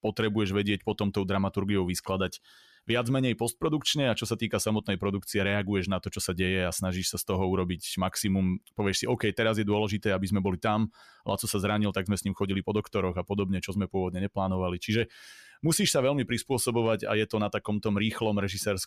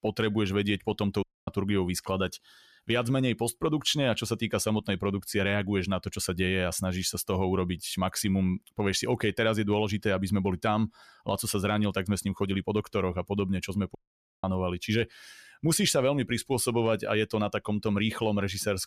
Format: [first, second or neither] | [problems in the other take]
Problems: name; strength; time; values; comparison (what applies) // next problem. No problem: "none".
first | audio cutting out; at 1 s and at 14 s